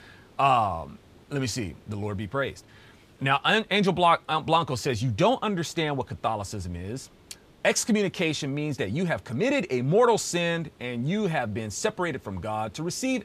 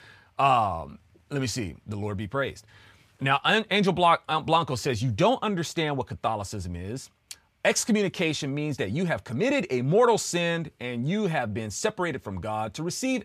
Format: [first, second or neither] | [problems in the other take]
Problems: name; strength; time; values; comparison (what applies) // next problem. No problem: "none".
second | hiss; faint; throughout; 30 dB below the speech